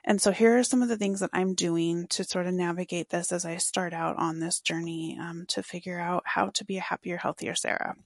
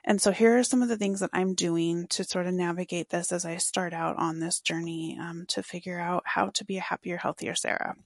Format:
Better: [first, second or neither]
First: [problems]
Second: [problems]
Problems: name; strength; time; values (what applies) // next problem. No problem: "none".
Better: neither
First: garbled, watery; slightly; nothing above 11 kHz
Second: garbled, watery; slightly; nothing above 11 kHz